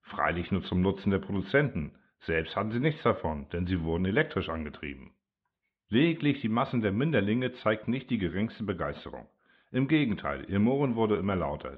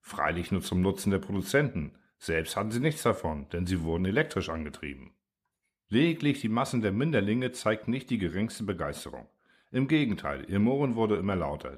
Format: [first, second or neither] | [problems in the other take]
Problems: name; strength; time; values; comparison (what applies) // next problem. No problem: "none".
second | muffled; very; fading above 3.5 kHz